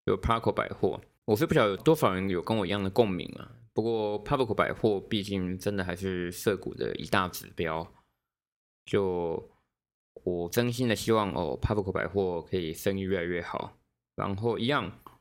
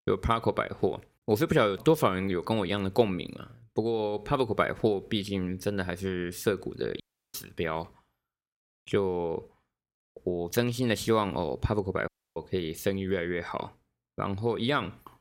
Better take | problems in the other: first | audio cutting out; at 7 s and at 12 s

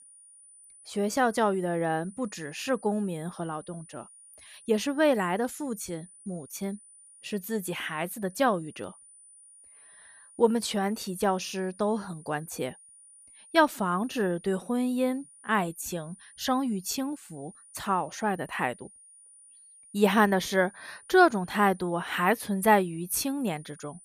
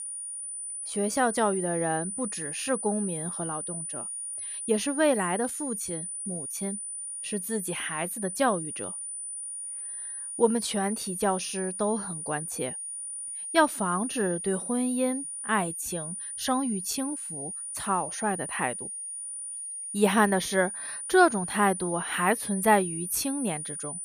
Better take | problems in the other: first | high-pitched whine; loud; throughout; 9.5 kHz, 5 dB below the speech; faint in the first

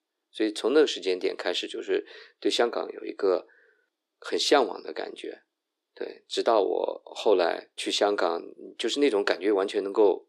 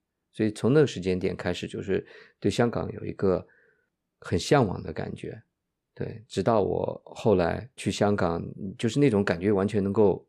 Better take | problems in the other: second | thin; somewhat; fading below 300 Hz

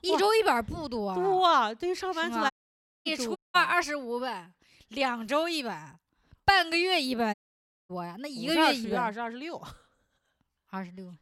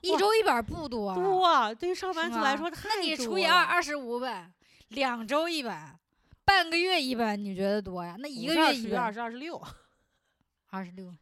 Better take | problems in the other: second | audio cutting out; at 2.5 s for 0.5 s, at 3.5 s and at 7.5 s for 0.5 s

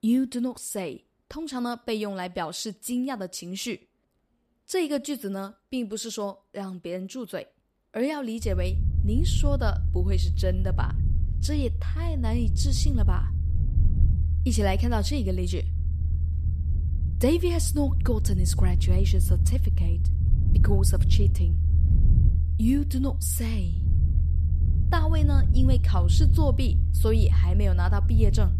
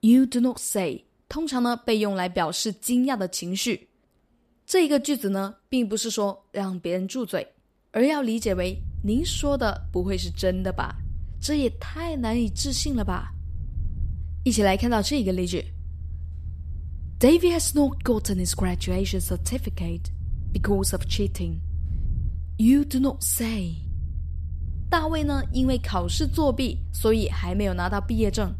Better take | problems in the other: second | low rumble; loud; from 8.5 s on; 9 dB below the speech; faint in the second

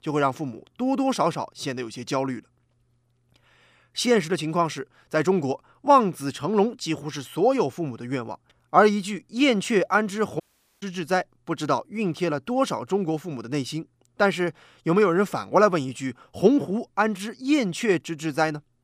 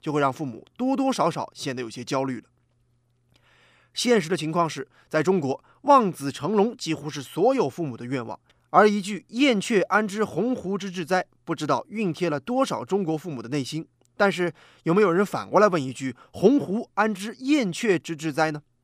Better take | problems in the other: second | audio cutting out; at 10 s

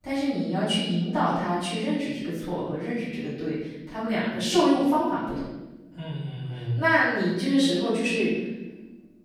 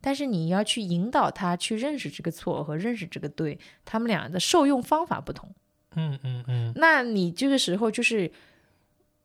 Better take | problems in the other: second | off-mic speech; far // room echo; strong; dies away in 1.1 s

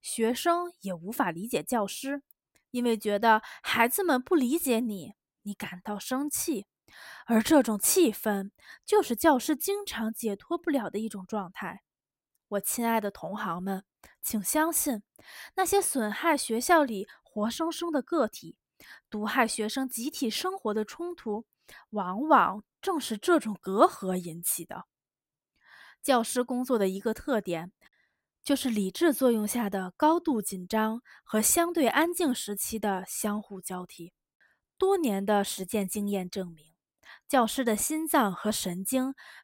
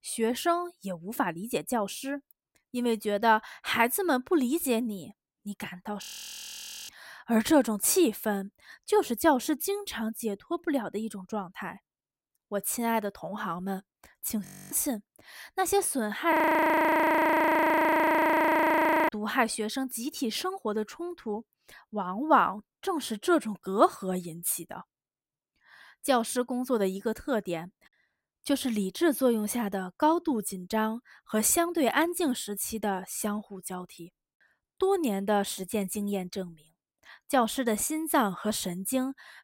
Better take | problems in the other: first | audio freezing; at 6 s for 1 s, at 14 s and at 16 s for 3 s

